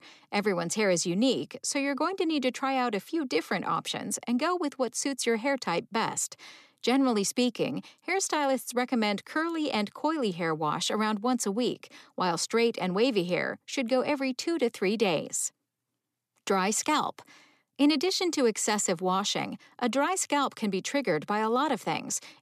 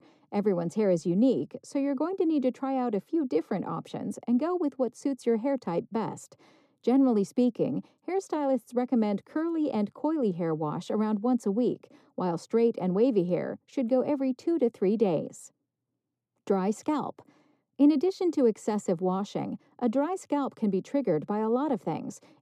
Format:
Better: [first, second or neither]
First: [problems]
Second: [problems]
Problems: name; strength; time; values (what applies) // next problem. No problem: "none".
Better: first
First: none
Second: muffled; slightly; fading above 1 kHz